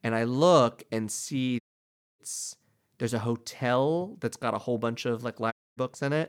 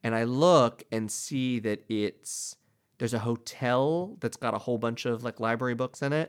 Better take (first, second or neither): second